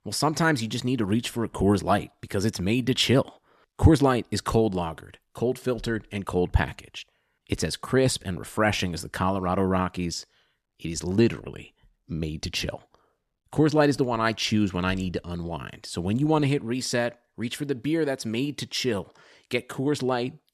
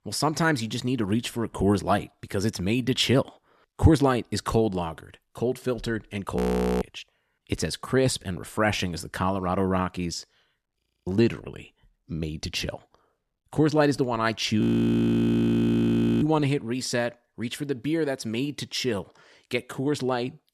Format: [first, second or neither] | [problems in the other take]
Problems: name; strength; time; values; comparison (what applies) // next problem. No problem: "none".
first | audio freezing; at 6.5 s, at 11 s and at 15 s for 1.5 s